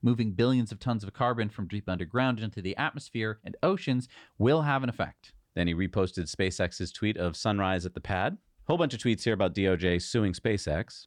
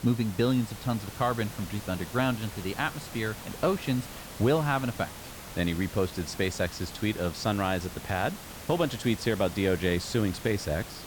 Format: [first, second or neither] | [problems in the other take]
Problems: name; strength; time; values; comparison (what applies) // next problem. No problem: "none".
first | hiss; noticeable; throughout; 10 dB below the speech